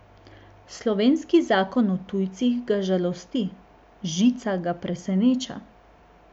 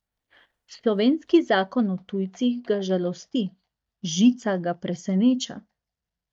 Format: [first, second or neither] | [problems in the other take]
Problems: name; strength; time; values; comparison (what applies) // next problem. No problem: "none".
first | noise reduction (neural mask model DeepFilterNet 3)